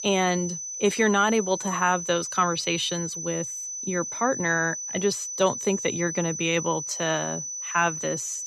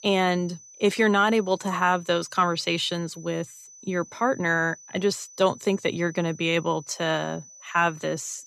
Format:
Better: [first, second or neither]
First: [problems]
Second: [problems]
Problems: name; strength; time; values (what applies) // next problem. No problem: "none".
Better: second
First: high-pitched whine; loud; throughout; 6 kHz, 5 dB below the speech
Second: high-pitched whine; faint; throughout; 6 kHz, 20 dB below the speech